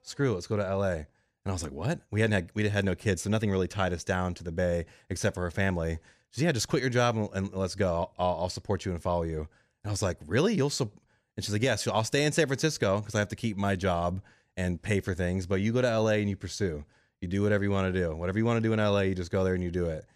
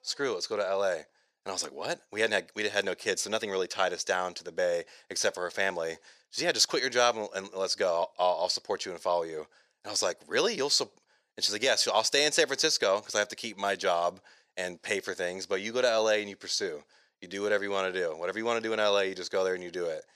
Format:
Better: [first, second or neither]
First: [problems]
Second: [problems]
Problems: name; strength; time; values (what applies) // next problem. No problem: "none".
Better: first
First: none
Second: thin; very; fading below 550 Hz